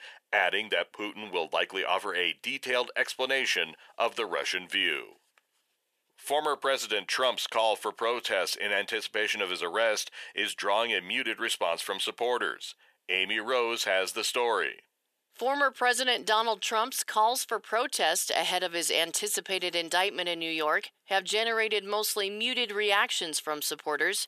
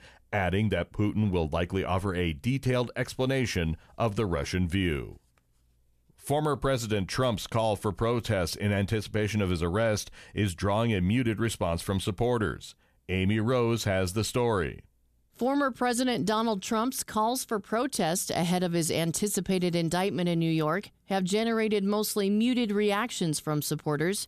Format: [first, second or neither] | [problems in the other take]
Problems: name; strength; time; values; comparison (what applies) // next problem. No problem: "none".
second | thin; very; fading below 450 Hz